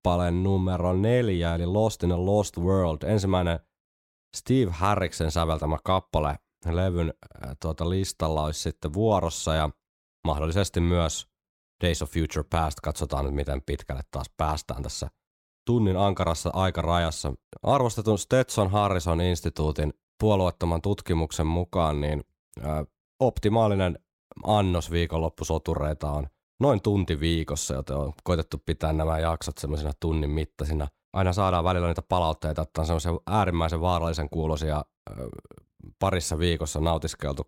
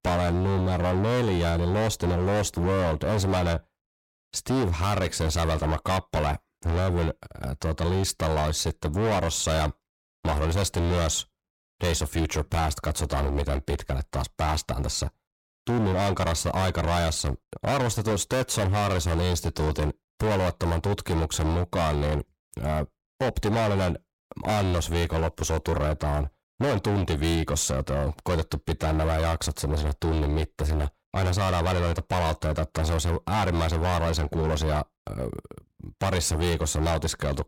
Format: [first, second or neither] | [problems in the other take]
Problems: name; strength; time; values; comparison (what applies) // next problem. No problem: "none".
first | distortion; heavy; 26% of the sound clipped